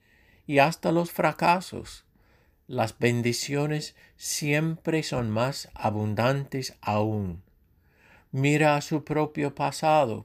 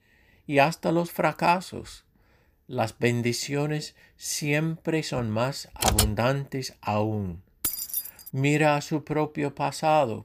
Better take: first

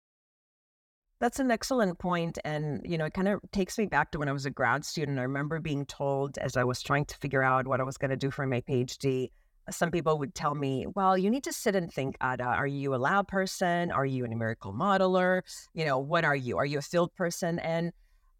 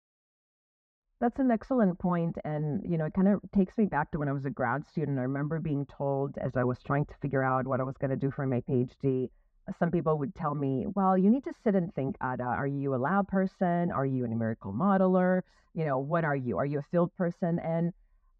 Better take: first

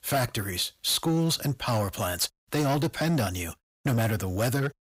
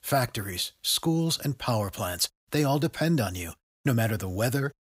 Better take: second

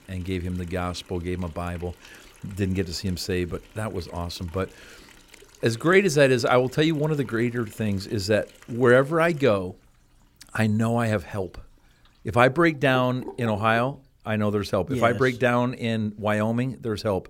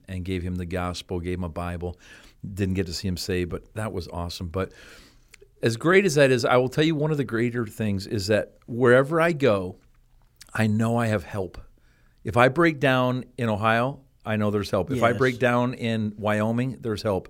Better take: second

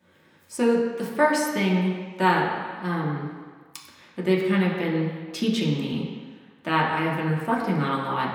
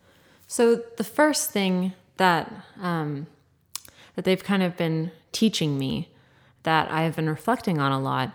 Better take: second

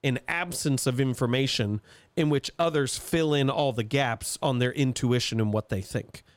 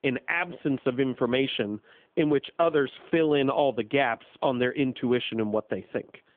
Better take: first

